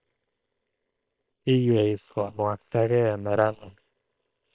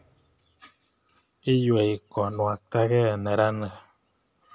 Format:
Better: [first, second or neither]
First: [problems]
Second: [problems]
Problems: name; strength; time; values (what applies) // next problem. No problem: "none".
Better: second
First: noise reduction (neural separator model SepFormer WHAM!)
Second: none